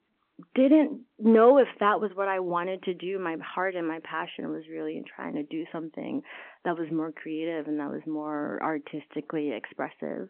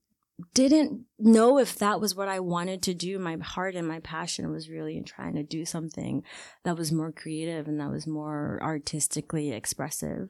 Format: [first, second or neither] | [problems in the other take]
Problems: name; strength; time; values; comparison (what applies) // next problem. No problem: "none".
second | phone-call audio